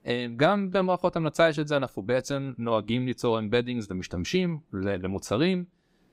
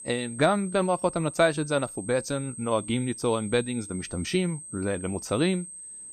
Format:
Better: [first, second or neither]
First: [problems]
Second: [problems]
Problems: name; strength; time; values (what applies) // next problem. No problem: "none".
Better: first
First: none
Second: high-pitched whine; noticeable; throughout; 8.5 kHz, 10 dB below the speech